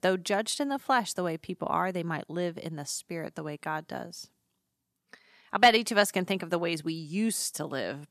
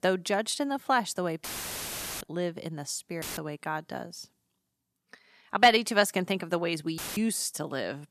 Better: first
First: none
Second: audio cutting out; filled with static; at 1.5 s for 1 s, at 3 s and at 7 s

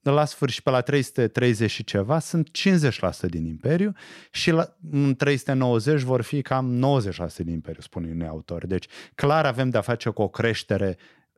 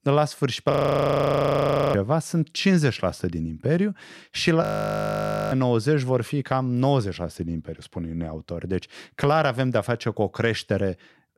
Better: first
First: none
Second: audio freezing; at 0.5 s for 1 s and at 4.5 s for 1 s

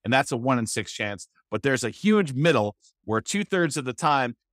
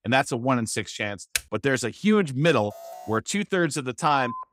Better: first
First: none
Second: keyboard typing; very faint; at 1.5 s; peak 5 dB below the speech // alarm; faint; at 2.5 s; peak 15 dB below the speech // phone ringing; faint; at 4 s; peak 10 dB below the speech

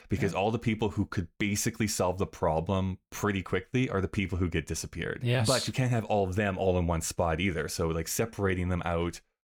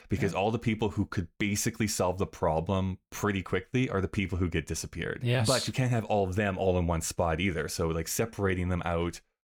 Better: neither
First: none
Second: none

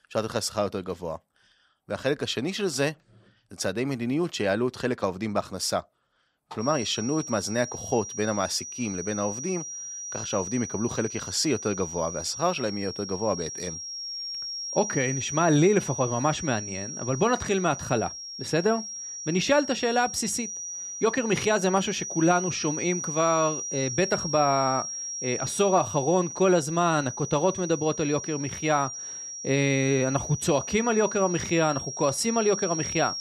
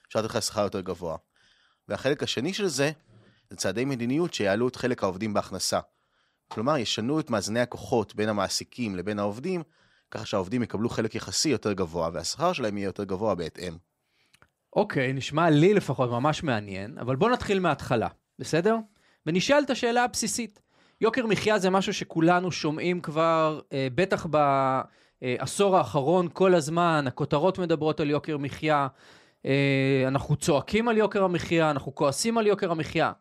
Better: second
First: high-pitched whine; loud; from 6.5 s on; 6 kHz, 7 dB below the speech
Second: none

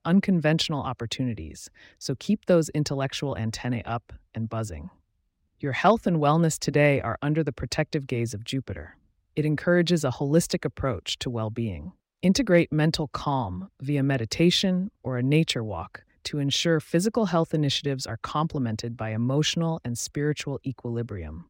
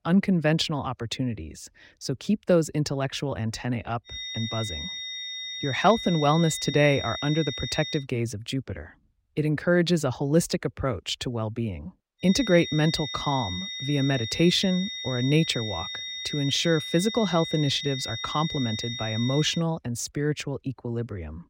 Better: first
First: none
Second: high-pitched whine; loud; from 4 to 8 s and from 12 to 20 s; 3.5 kHz, 6 dB below the speech

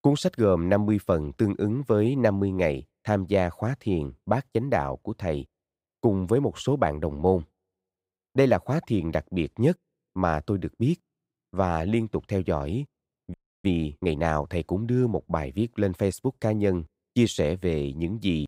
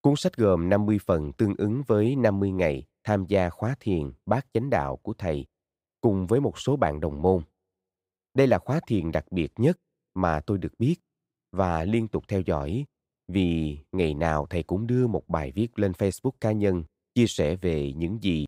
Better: second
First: audio freezing; at 13 s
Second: none

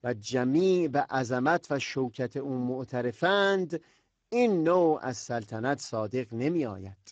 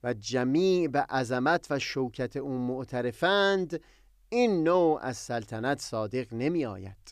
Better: second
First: garbled, watery; badly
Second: none

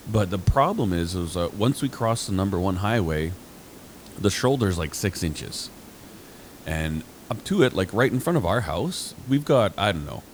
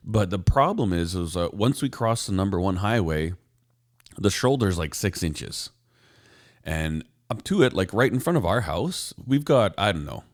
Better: second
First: hiss; faint; throughout; 20 dB below the speech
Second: none

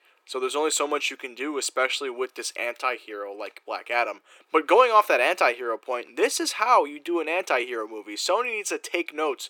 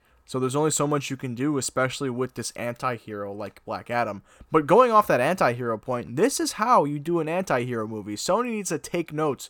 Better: second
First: thin; somewhat; fading below 350 Hz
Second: none

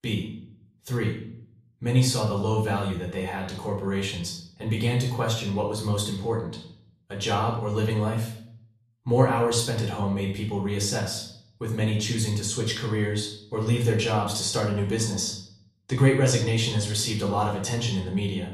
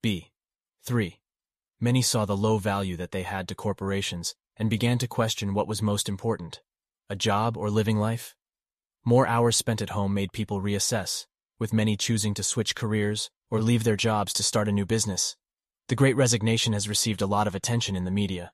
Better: second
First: off-mic speech; far // room echo; noticeable; dies away in 0.5 s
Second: none

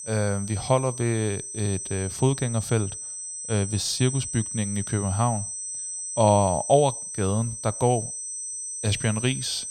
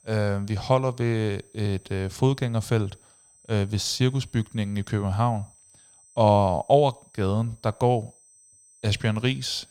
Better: second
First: high-pitched whine; loud; throughout; 8 kHz, 6 dB below the speech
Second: high-pitched whine; faint; throughout; 8 kHz, 30 dB below the speech

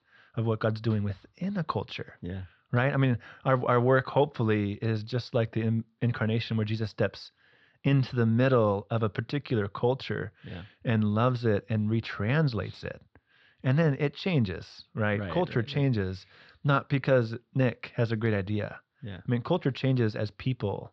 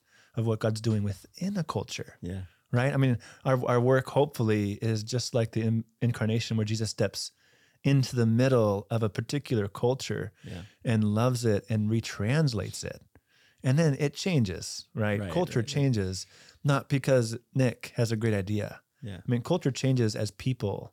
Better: second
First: muffled; slightly; fading above 4 kHz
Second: none

